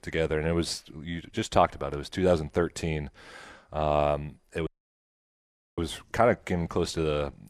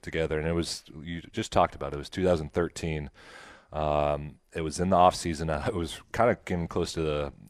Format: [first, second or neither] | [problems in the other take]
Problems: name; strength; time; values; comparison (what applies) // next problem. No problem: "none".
second | audio cutting out; at 4.5 s for 1 s